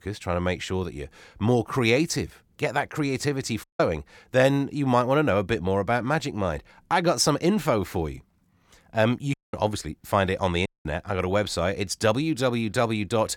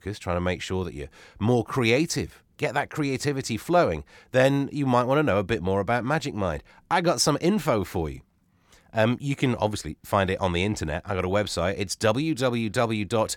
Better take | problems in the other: second | audio cutting out; at 3.5 s, at 9.5 s and at 11 s

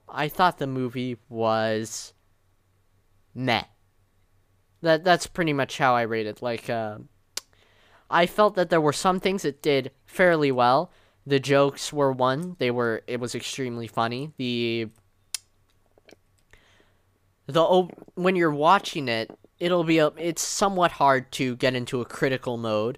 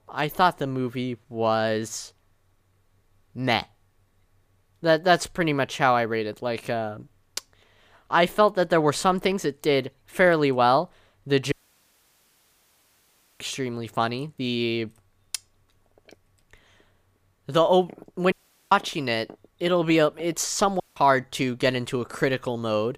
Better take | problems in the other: first | audio cutting out; at 12 s for 2 s, at 18 s and at 21 s

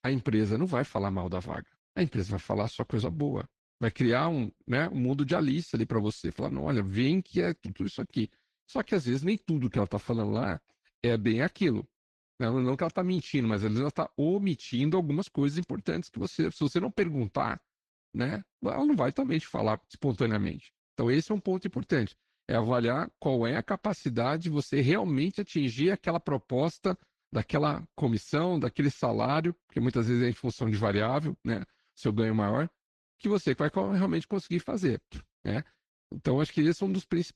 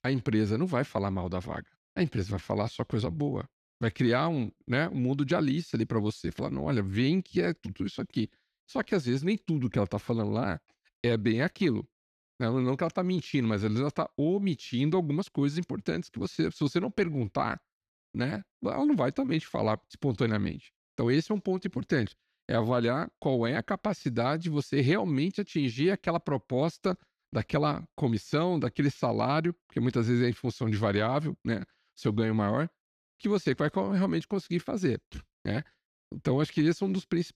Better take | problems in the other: second | garbled, watery; slightly

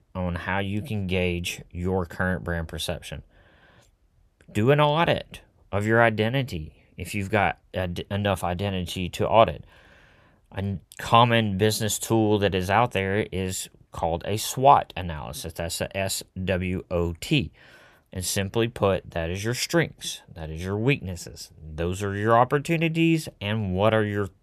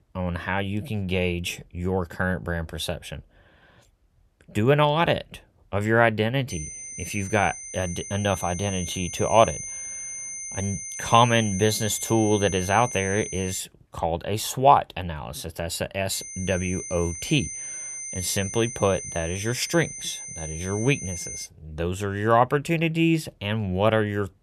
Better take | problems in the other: first | high-pitched whine; loud; from 6.5 to 14 s and from 16 to 21 s; 6 kHz, 9 dB below the speech

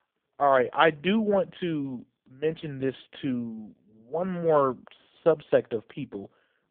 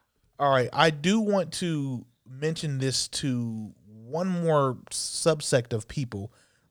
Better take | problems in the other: second | phone-call audio; poor line

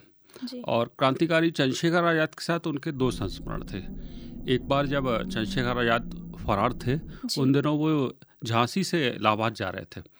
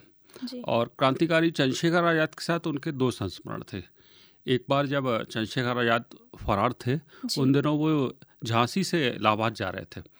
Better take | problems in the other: second | low rumble; faint; from 3 to 7 s; 20 dB below the speech

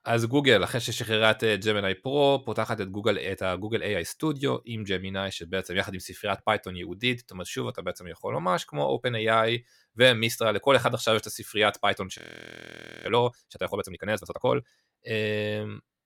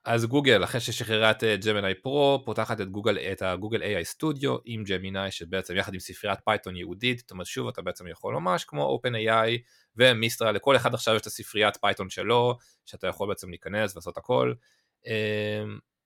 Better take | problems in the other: second | audio freezing; at 12 s for 1 s

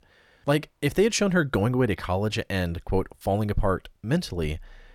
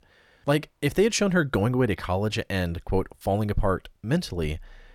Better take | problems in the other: neither | none

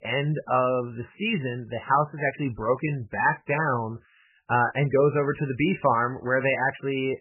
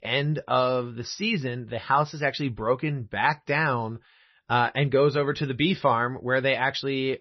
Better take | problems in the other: second | garbled, watery; badly; nothing above 3 kHz; slightly in the second

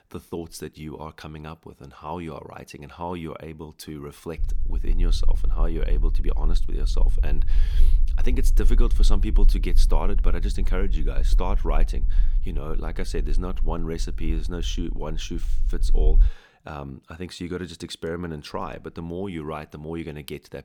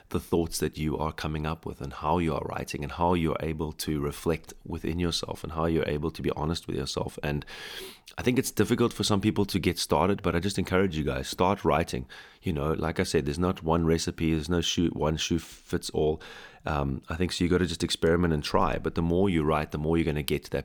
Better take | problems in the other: second | low rumble; noticeable; from 4.5 to 16 s; 15 dB below the speech

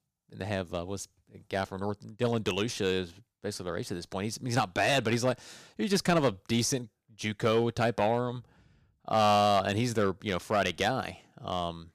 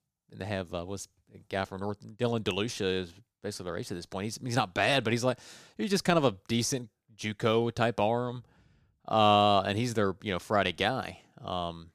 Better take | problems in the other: second | distortion; slight; 1.7% of the sound clipped

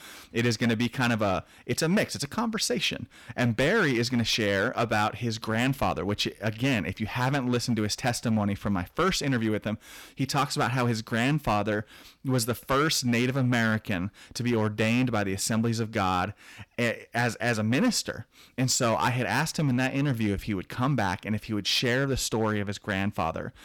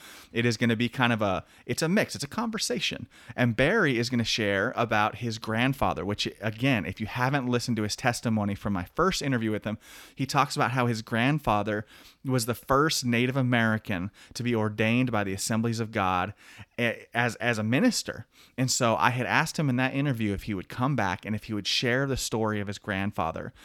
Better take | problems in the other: second | distortion; slight; 6% of the sound clipped

